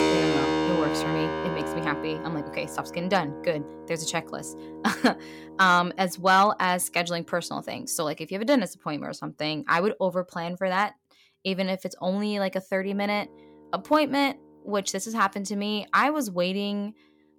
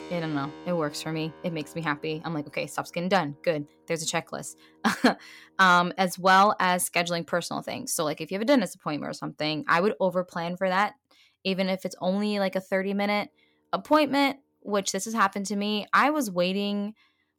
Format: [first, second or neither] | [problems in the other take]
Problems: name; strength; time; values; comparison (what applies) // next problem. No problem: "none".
second | background music; loud; throughout; 5 dB below the speech; faint in the second